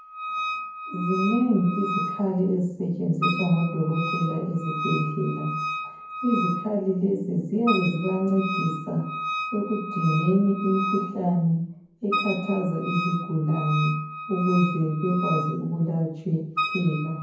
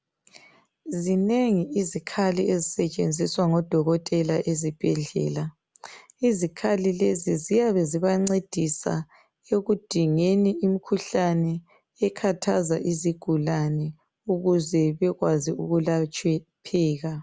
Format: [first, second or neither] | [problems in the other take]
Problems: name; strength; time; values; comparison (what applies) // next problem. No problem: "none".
second | background sound (Wind instrument, woodwind instrument); 6 dB below the speech // room echo; dies away in 0.9 s